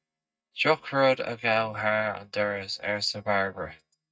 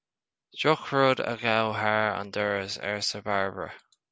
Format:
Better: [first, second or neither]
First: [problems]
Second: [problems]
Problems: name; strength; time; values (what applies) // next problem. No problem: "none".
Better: second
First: noise reduction (neural mask model DeepFilterNet 3)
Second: none